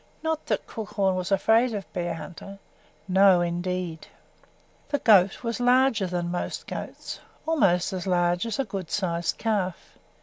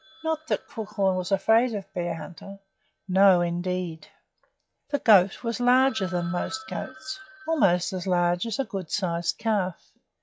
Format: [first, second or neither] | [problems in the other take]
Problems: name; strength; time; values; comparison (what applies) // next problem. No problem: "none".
first | noise reduction (classical method log-MMSE)